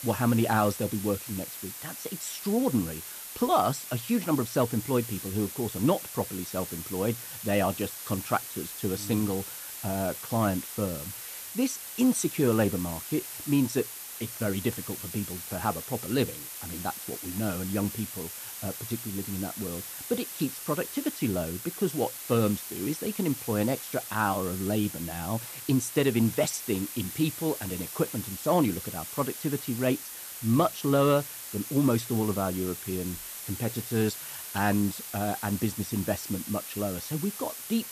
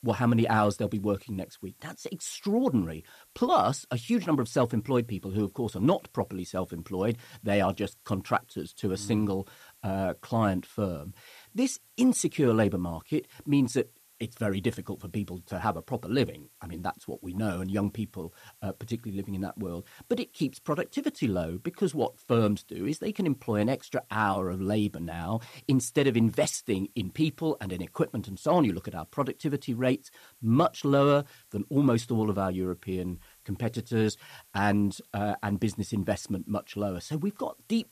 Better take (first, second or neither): second